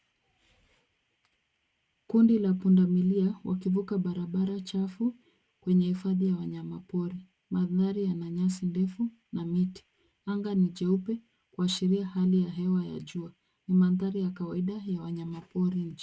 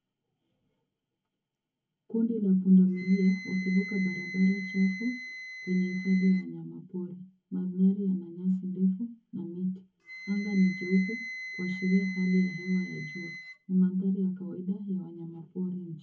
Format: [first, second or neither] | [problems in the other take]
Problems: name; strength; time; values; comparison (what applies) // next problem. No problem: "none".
first | background sound (Wind instrument, woodwind instrument); 15 dB below the speech // room echo; dies away in 0.3 s